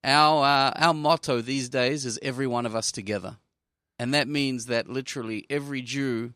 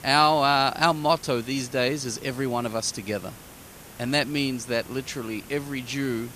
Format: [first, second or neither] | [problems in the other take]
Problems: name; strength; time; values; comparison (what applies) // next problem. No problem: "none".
first | hiss; noticeable; throughout; 20 dB below the speech